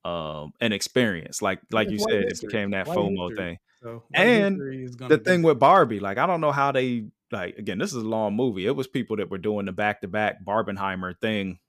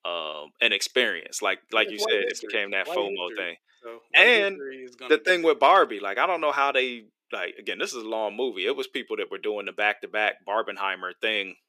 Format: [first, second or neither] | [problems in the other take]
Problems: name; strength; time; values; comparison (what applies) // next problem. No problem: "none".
first | thin; somewhat; fading below 350 Hz